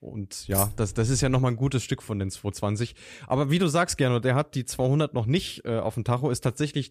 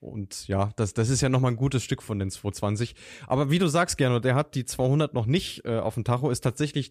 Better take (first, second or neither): second